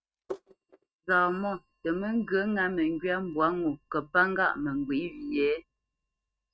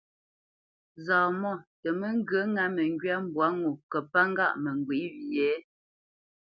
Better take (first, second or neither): second